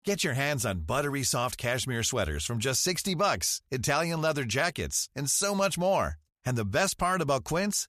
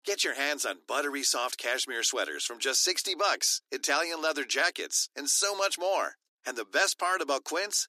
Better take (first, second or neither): first